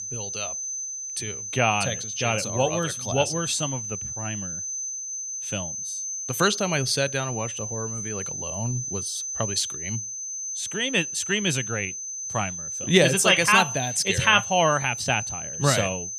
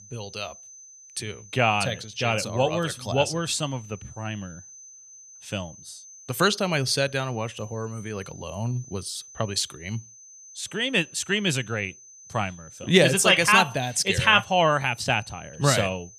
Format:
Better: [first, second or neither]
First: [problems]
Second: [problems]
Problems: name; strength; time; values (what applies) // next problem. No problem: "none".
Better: second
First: high-pitched whine; loud; throughout; 6 kHz, 6 dB below the speech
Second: high-pitched whine; faint; throughout; 6 kHz, 20 dB below the speech